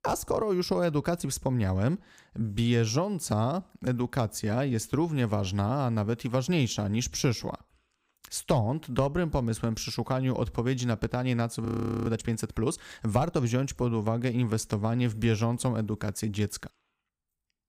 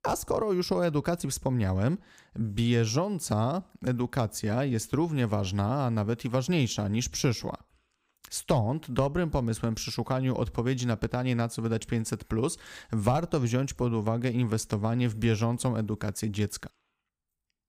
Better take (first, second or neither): second